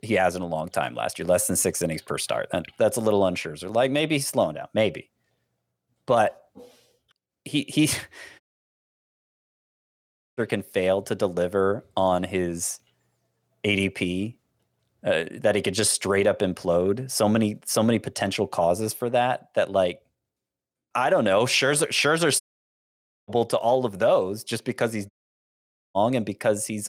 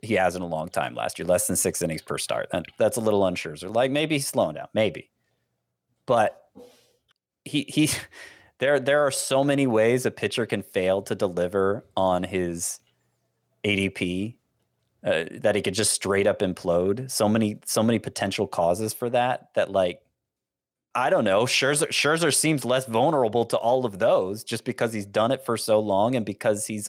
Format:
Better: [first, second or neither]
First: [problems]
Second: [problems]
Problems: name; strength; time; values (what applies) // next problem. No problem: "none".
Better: second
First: audio cutting out; at 8.5 s for 2 s, at 22 s for 1 s and at 25 s for 1 s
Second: none